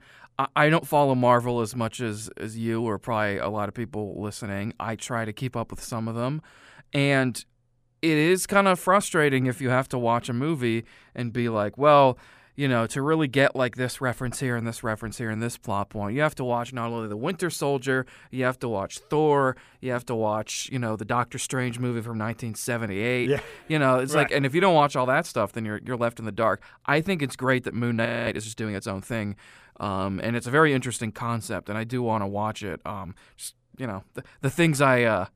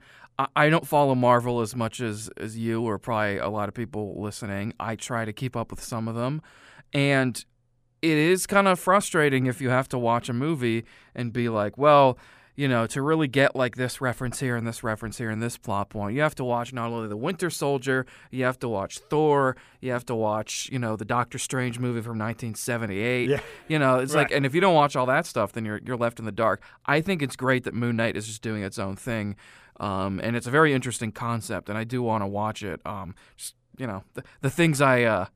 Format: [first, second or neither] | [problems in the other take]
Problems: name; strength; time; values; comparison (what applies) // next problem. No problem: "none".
second | audio freezing; at 28 s